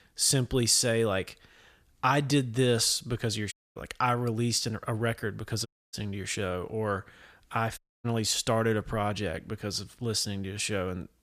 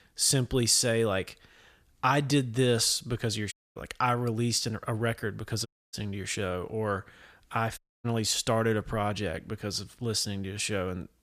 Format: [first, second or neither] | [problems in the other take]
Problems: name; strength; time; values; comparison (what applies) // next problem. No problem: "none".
neither | audio cutting out; at 3.5 s, at 5.5 s and at 8 s; the same in both